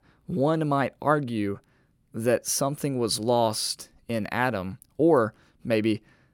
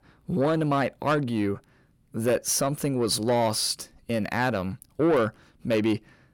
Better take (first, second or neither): first